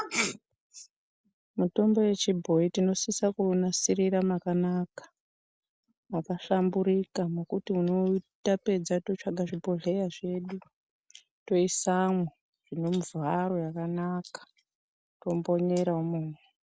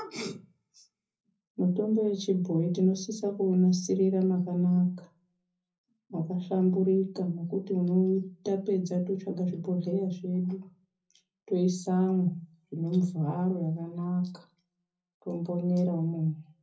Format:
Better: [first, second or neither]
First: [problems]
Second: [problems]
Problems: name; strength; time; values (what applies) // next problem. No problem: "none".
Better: first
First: none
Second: room echo; dies away in 0.4 s